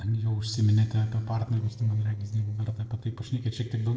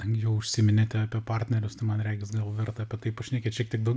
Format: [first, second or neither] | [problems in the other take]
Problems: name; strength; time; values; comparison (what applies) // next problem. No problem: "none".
second | noise reduction (neural separator model SepFormer DNS4)